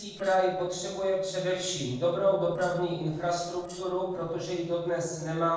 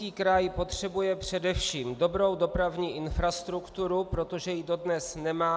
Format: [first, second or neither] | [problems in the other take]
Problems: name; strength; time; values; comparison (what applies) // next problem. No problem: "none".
second | noise reduction (neural separator model SepFormer DNS4)